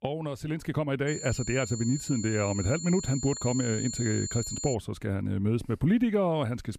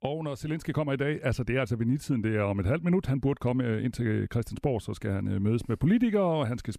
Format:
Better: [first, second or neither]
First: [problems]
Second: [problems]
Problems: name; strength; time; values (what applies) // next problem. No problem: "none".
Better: second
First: high-pitched whine; loud; from 1 to 4.5 s; 7 kHz, 7 dB below the speech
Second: none